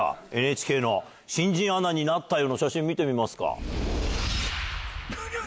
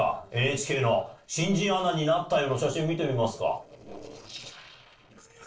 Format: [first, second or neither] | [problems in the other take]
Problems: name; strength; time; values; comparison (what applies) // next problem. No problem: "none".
first | noise reduction (neural separator model SepFormer DNS4)